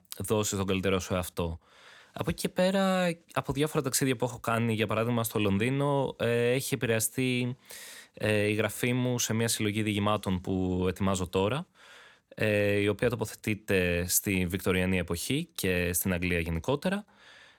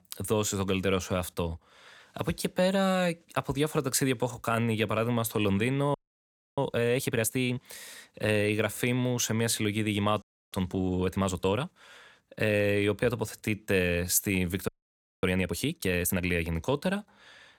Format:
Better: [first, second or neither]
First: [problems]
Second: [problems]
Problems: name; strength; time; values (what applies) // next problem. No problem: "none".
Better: first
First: none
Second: audio freezing; at 6 s for 0.5 s, at 10 s and at 15 s for 0.5 s